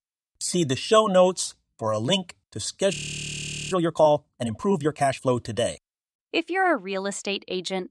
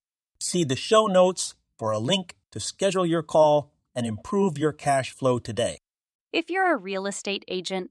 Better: second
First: audio freezing; at 3 s for 1 s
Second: none

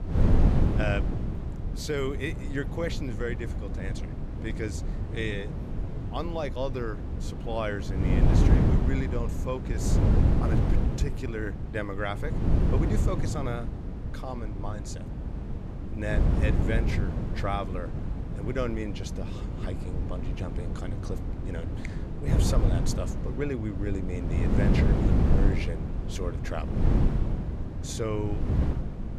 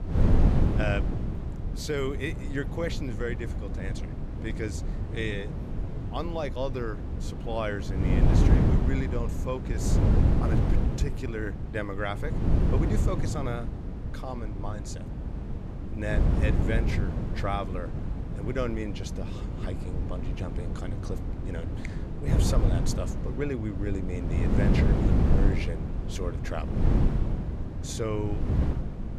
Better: neither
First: wind noise on the microphone; heavy; 2 dB below the speech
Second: wind noise on the microphone; heavy; 2 dB below the speech

